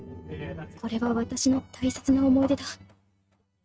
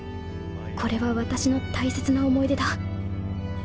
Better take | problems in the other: second | noise reduction (neural mask model RNNoise)

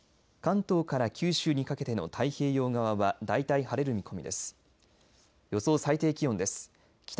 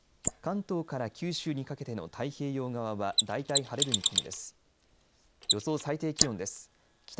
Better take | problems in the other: first | noise reduction (neural mask model Resemble Enhance denoiser)

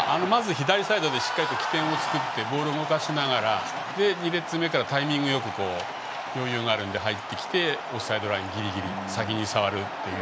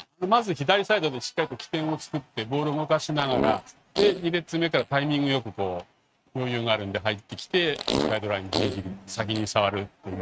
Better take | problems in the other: first | noise reduction (neural mask model RNNoise)

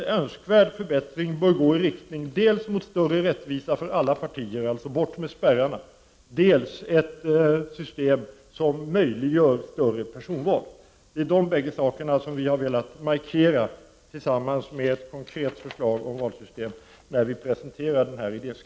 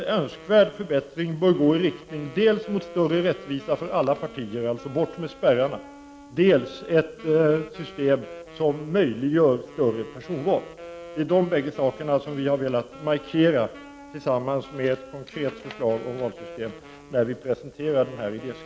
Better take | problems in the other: first | background sound (Wind instrument, woodwind instrument); 19 dB below the speech

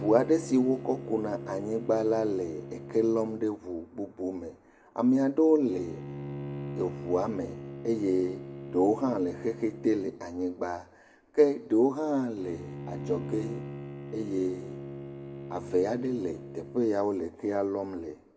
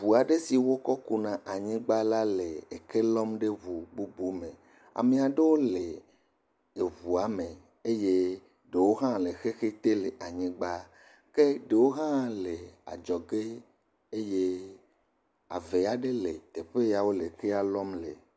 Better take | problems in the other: second | background sound (Bowed string instrument); 12 dB below the speech // room echo; dies away in 1 s

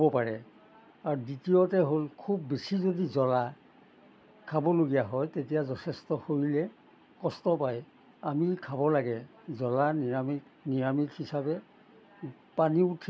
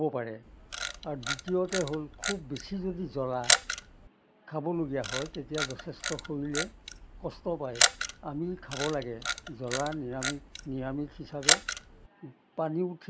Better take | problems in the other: first | background sound (Camera); 2 dB above the speech

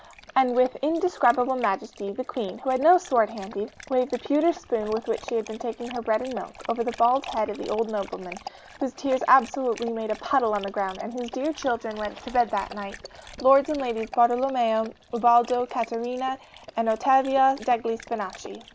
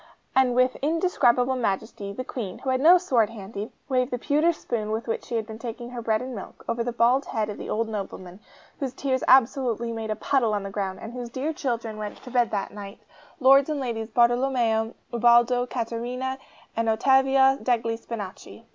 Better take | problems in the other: second | background sound (Dog); 19 dB below the speech

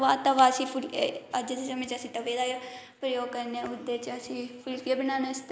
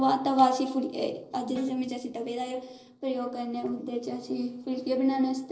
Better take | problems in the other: first | noise reduction (neural separator model SepFormer DNS4)

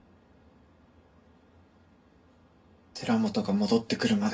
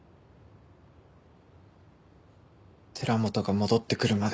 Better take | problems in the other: second | room echo; dies away in 0.2 s

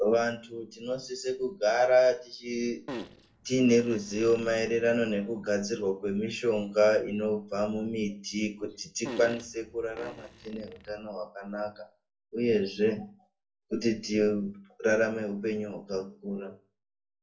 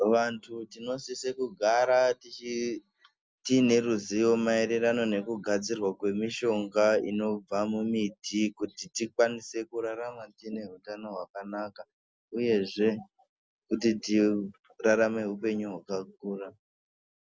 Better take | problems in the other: second | noise reduction (neural separator model SepFormer DNS4)

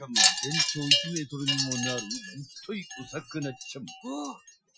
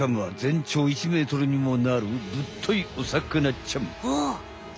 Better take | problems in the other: second | noise reduction (classical method Wiener filter)

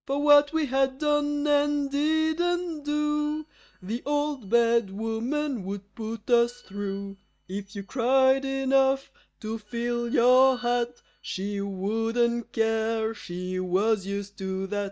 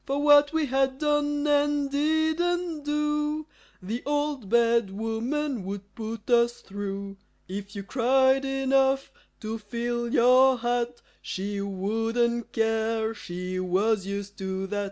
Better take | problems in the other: second | noise reduction (neural mask model DeepFilterNet 3)

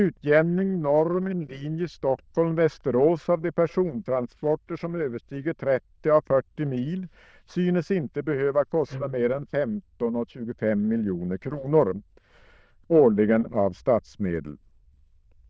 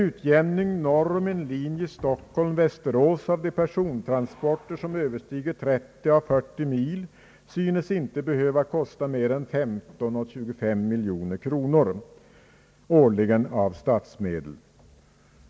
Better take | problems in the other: second | noise reduction (neural diffusion model UNIVERSE++)

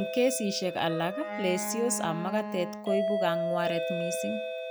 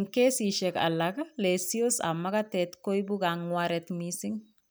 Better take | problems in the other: second | background sound (Doorbell + Wind instrument, woodwind instrument); 2 dB below the speech

